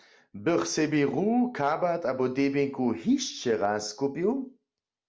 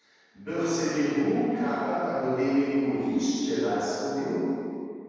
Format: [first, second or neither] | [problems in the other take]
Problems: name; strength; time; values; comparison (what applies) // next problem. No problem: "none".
first | room echo; dies away in 2.1 s